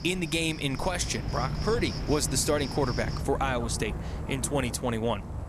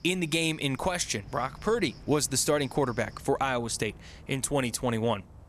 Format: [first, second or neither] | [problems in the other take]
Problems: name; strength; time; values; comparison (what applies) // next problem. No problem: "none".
second | animal sounds; loud; throughout; 6 dB below the speech; faint in the second